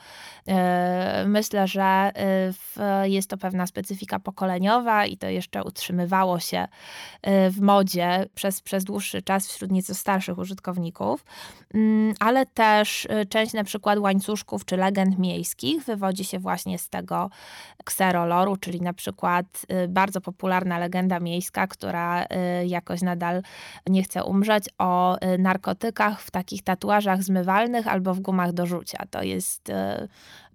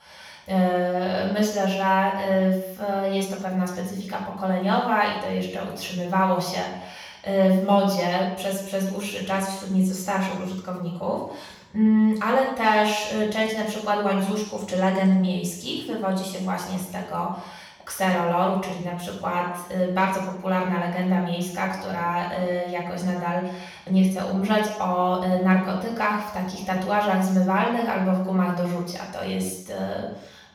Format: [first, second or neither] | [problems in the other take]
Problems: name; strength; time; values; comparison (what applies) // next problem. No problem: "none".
first | room echo; noticeable; dies away in 0.7 s // off-mic speech; far